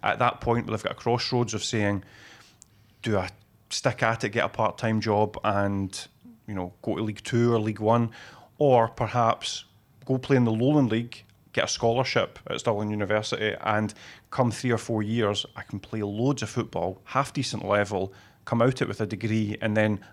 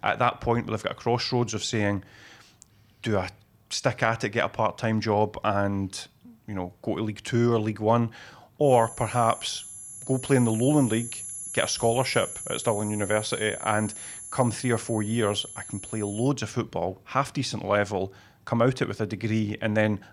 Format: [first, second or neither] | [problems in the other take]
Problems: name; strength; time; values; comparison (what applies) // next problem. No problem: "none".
first | high-pitched whine; loud; from 8.5 to 16 s; 11 kHz, 10 dB below the speech